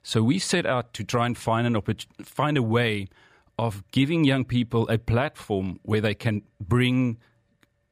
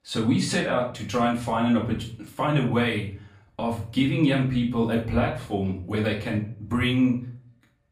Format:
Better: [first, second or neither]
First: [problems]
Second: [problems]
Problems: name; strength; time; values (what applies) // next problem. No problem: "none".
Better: first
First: none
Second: off-mic speech; far // room echo; slight; dies away in 0.4 s